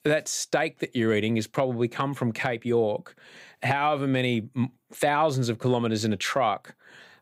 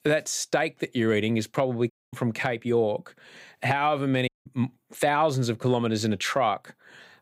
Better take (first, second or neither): first